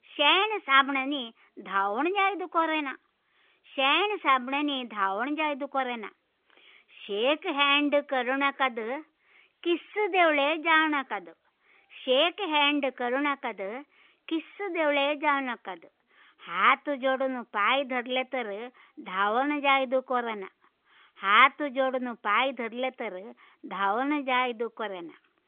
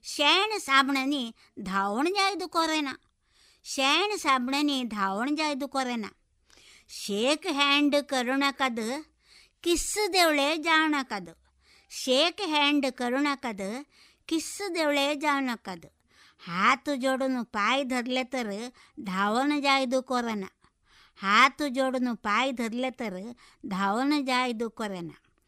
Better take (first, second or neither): second